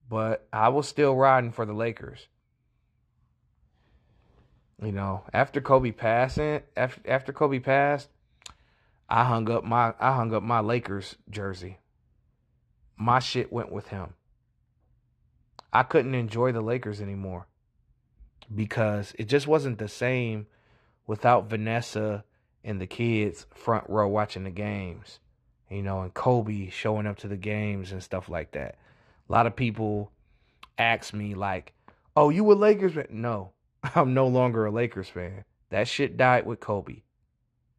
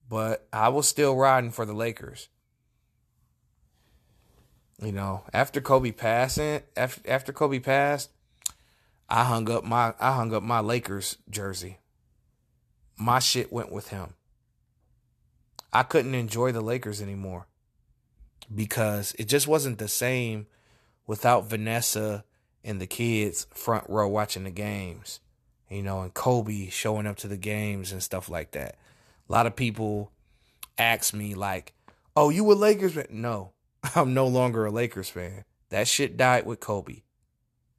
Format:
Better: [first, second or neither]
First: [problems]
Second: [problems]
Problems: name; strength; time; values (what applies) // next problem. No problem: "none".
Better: second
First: muffled; slightly; fading above 2.5 kHz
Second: none